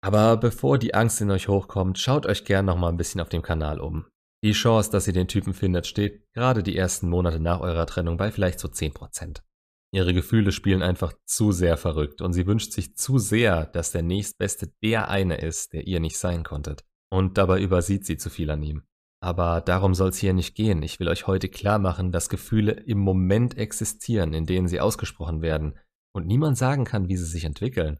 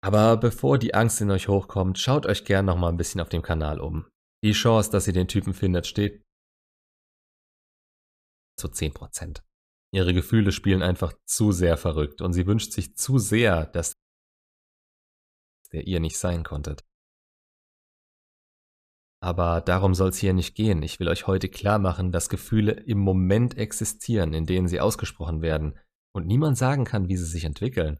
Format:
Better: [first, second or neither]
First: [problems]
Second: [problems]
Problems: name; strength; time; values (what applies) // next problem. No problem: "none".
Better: first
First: none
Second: audio cutting out; at 6 s for 2.5 s, at 14 s for 1.5 s and at 17 s for 2 s